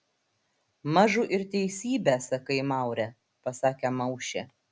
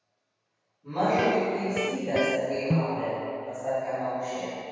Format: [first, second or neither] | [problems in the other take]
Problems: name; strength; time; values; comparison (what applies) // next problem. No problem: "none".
first | background sound (Electric guitar); 2 dB below the speech // room echo; dies away in 2.2 s